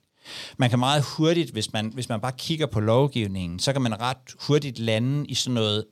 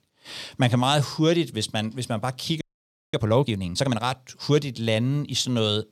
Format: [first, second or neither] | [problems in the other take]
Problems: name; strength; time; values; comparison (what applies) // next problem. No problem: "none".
first | audio freezing; at 2.5 s for 0.5 s